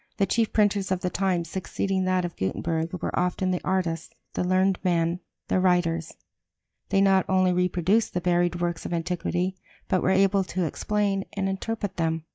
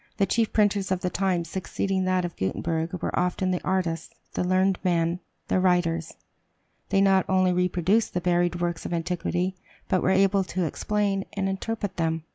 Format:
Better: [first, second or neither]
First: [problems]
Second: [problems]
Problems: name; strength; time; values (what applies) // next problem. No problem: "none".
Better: second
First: noise reduction (neural mask model DeepFilterNet 3)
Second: none